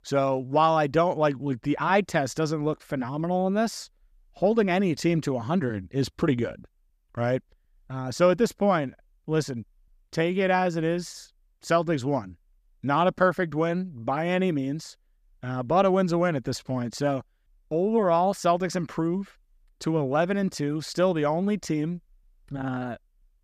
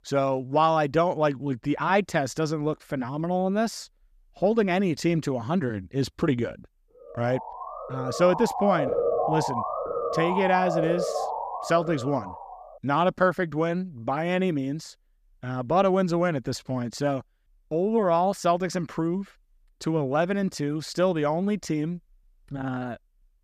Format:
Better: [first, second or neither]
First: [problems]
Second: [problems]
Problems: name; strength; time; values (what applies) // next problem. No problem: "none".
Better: first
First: none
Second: siren; loud; from 7 to 13 s; peak 1 dB above the speech